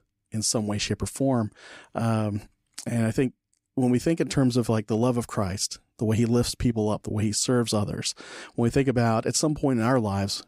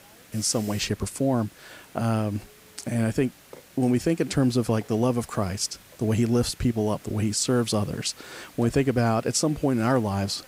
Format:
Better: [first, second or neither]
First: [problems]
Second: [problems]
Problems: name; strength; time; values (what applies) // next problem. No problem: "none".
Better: first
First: none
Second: hiss; faint; throughout; 20 dB below the speech